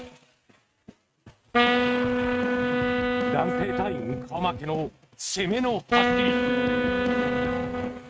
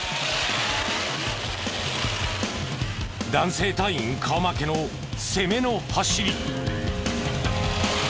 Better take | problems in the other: second | noise reduction (neural mask model RNNoise)

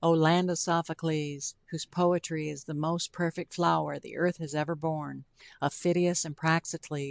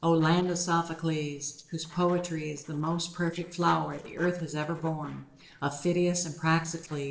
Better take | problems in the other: first | noise reduction (neural separator model SepFormer DNS4)

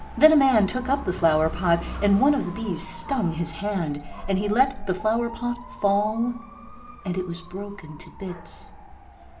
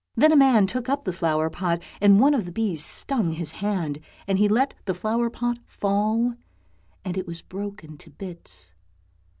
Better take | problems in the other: second | background sound (Motorcycle / Dog); 13 dB below the speech // room echo; dies away in 0.7 s

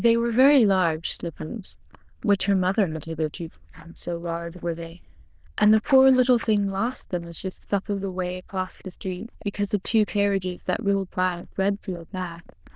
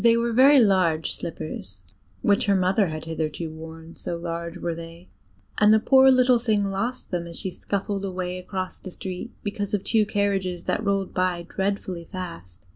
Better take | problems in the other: second | noise reduction (neural diffusion model UNIVERSE++)

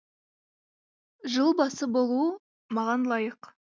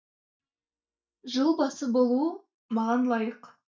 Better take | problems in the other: first | noise reduction (neural mask model DeepFilterNet 3)

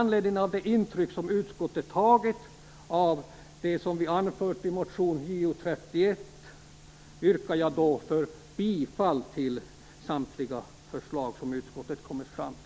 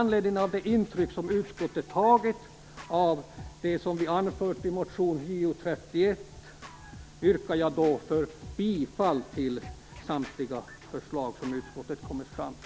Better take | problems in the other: first | background sound (Scratching (performance technique)); 19 dB below the speech

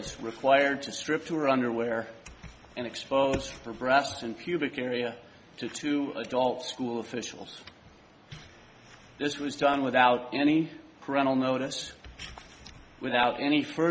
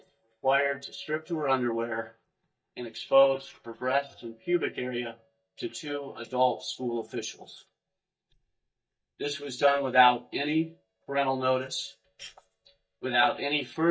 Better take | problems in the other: first | noise reduction (neural mask model DeepFilterNet 3)

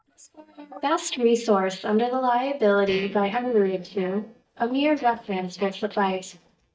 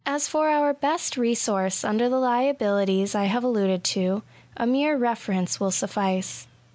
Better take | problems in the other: second | noise reduction (neural mask model DeepFilterNet 3)

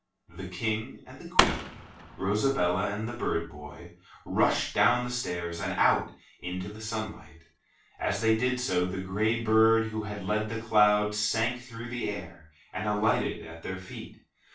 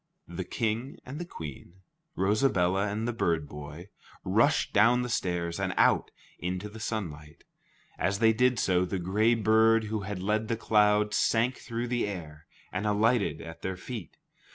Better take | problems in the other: second | background sound (Fireworks); 1 dB below the speech // room echo; dies away in 0.3 s

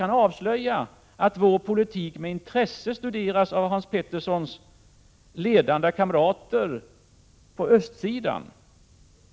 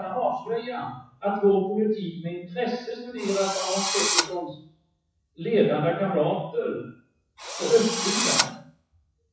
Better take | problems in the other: first | noise reduction (classical method WPE with log-MMSE)

